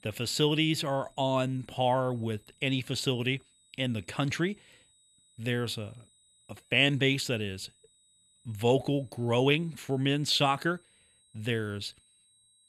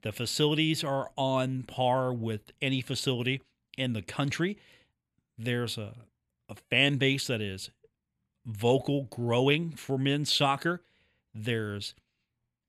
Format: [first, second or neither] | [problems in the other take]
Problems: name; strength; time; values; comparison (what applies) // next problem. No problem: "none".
second | high-pitched whine; faint; throughout; 8.5 kHz, 35 dB below the speech